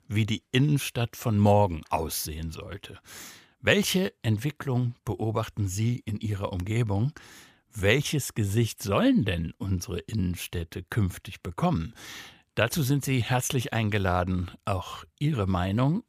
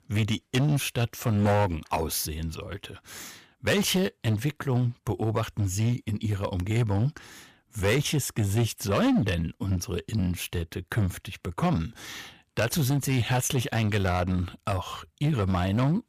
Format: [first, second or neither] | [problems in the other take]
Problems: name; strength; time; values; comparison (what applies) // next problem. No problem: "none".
first | distortion; slight; 8% of the sound clipped